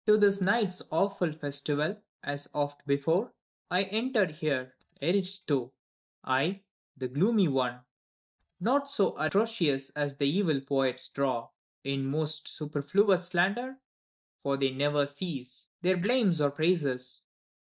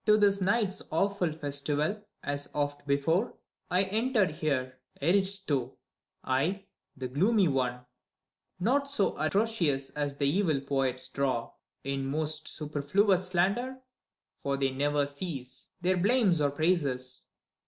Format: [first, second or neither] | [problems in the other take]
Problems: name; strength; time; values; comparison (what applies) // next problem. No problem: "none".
second | noise reduction (neural mask model DeepFilterNet 3)